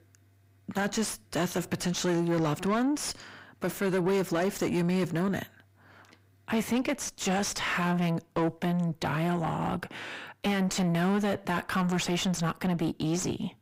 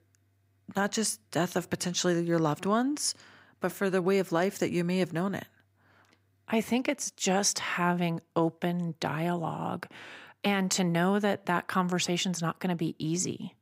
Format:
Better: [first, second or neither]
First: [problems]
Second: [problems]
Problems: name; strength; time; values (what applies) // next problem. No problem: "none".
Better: second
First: distortion; heavy; 7 dB below the speech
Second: none